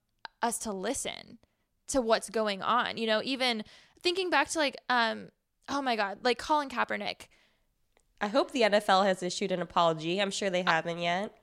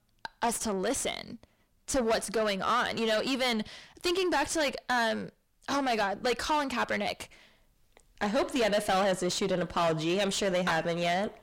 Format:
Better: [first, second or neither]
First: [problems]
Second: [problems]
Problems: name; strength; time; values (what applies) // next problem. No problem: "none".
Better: first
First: none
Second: distortion; heavy; 5 dB below the speech